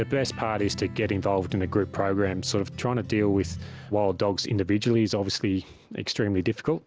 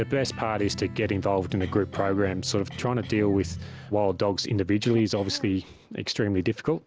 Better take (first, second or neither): first